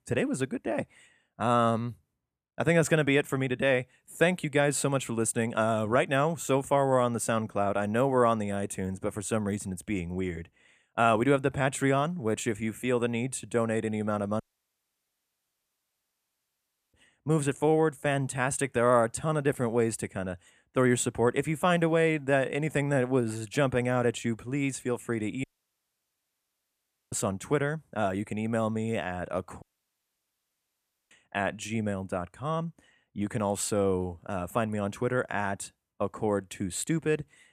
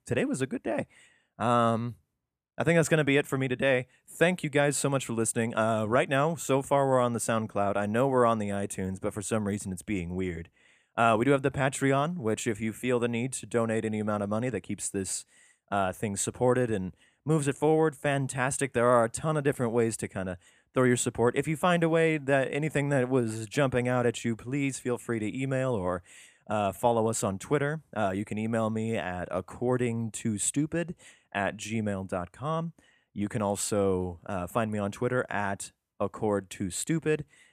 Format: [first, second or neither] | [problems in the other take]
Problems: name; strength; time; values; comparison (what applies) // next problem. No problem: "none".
second | audio cutting out; at 14 s for 2.5 s, at 25 s for 1.5 s and at 30 s for 1.5 s